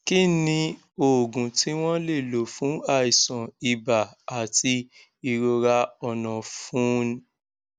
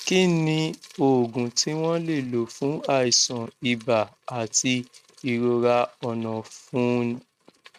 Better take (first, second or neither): first